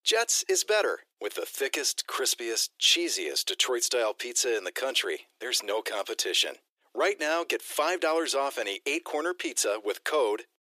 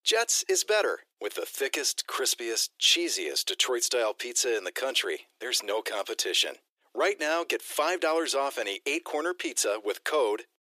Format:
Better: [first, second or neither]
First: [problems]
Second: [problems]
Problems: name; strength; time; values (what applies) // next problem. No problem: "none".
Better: neither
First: thin; very; fading below 350 Hz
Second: thin; very; fading below 350 Hz